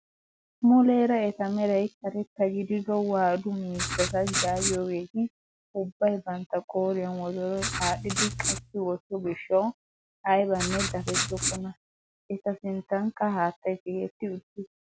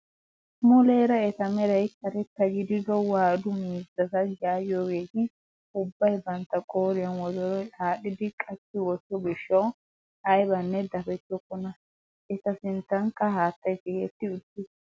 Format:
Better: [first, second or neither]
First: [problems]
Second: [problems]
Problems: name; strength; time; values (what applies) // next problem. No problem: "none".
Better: second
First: background sound (Writing); 2 dB below the speech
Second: none